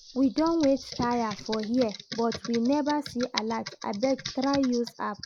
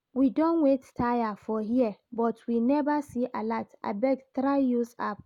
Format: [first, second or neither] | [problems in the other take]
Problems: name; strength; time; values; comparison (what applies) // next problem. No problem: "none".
second | background sound (Computer keyboard); 13 dB below the speech